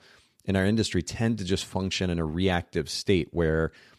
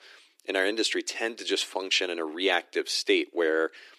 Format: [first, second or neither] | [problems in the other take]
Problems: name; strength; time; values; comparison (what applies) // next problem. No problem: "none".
first | thin; very; fading below 300 Hz